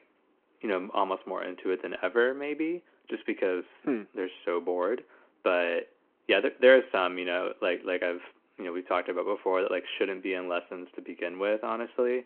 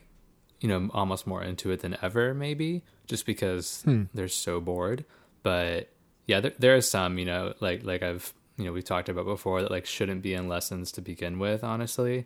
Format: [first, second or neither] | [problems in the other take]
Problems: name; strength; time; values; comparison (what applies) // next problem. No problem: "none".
second | phone-call audio